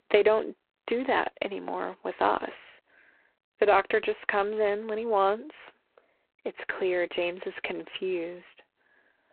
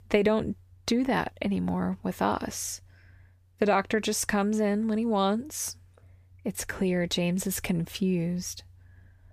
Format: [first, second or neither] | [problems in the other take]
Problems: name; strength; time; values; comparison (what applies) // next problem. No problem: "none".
second | phone-call audio; poor line; nothing above 4 kHz